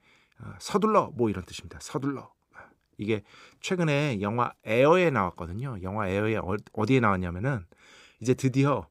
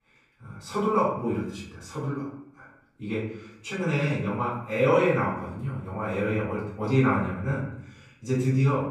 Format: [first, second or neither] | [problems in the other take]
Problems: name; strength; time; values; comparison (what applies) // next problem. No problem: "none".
first | off-mic speech; far // room echo; noticeable; dies away in 0.6 s